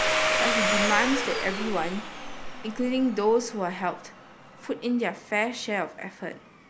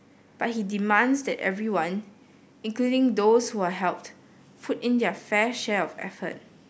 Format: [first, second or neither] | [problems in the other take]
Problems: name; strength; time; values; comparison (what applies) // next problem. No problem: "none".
second | background sound (Domestic sounds, home sounds); 2 dB below the speech